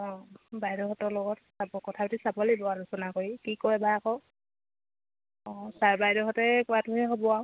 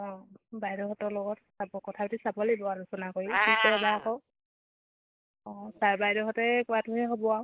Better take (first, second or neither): first